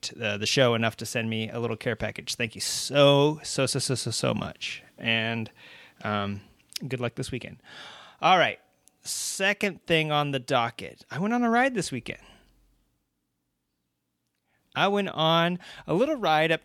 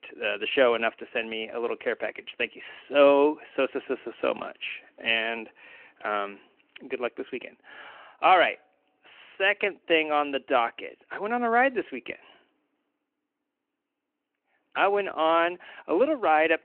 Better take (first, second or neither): first